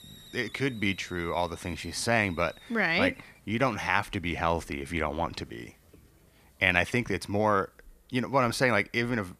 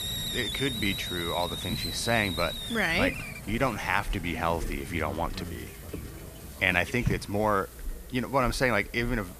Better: first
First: hiss; faint; throughout; 25 dB below the speech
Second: hiss; loud; throughout; 7 dB below the speech

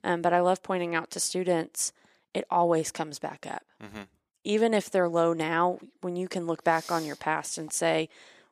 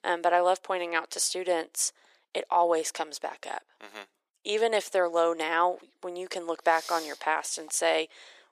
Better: first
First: none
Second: thin; very; fading below 400 Hz

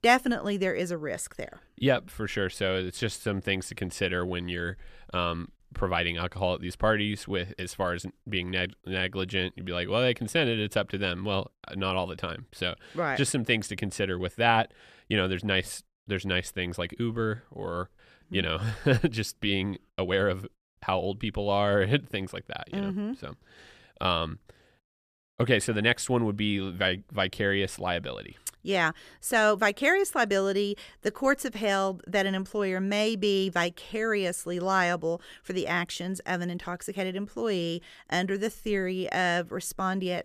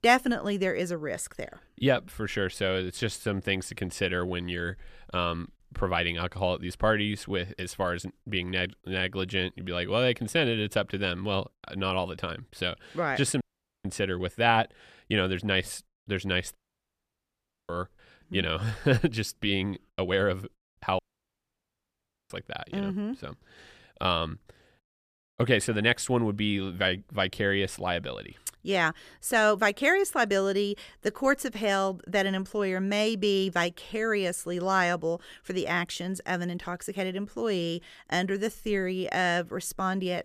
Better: first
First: none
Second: audio cutting out; at 13 s, at 17 s for 1 s and at 21 s for 1.5 s

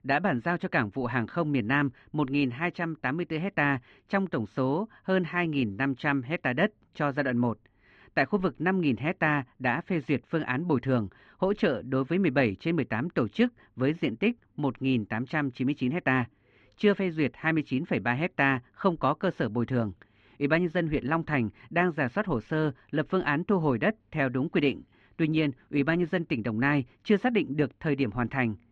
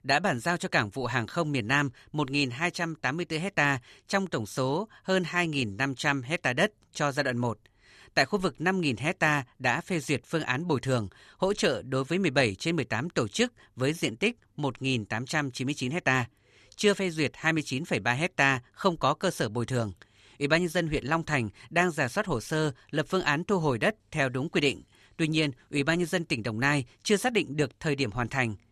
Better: second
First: muffled; very; fading above 2.5 kHz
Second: none

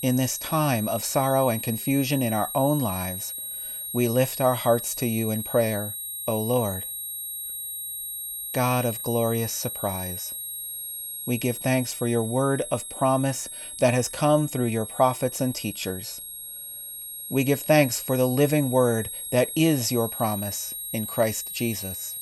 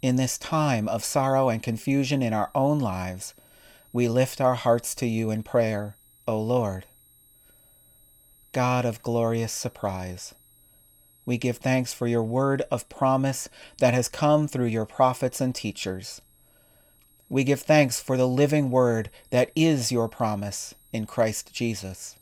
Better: second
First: high-pitched whine; loud; throughout; 11.5 kHz, 7 dB below the speech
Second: high-pitched whine; faint; throughout; 11.5 kHz, 30 dB below the speech

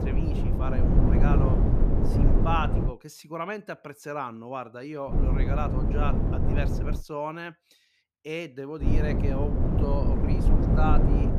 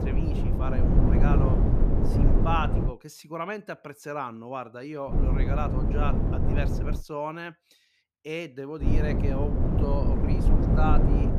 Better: neither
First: low rumble; loud; until 3 s, from 5 to 7 s and from 9 s on; 1 dB below the speech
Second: low rumble; loud; until 3 s, from 5 to 7 s and from 9 s on; 1 dB below the speech

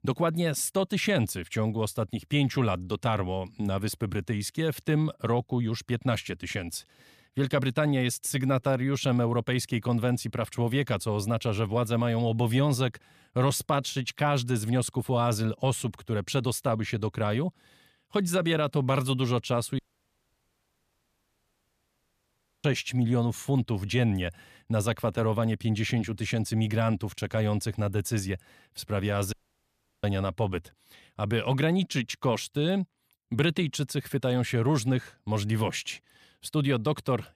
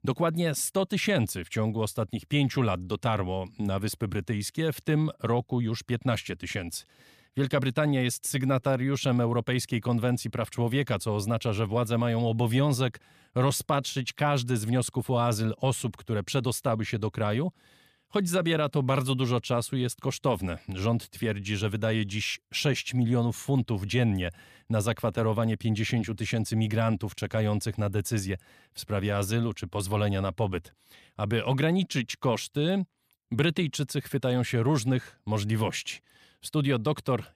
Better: second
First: audio cutting out; at 20 s for 3 s and at 29 s for 0.5 s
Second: none

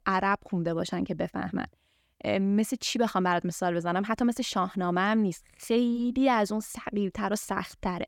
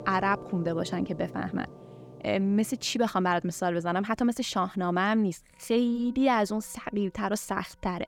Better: first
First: none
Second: background music; noticeable; throughout; 20 dB below the speech

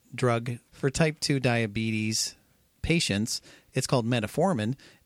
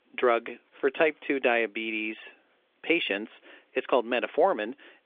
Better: first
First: none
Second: phone-call audio; nothing above 3.5 kHz

